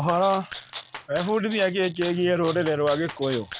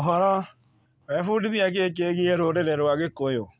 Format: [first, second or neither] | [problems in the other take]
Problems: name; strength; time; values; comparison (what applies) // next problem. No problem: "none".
second | background sound (Rattle (instrument)); 15 dB below the speech